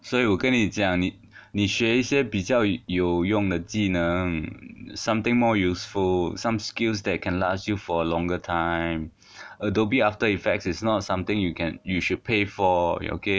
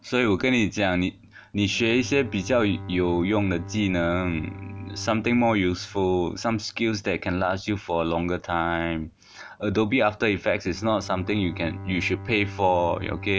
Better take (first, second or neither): first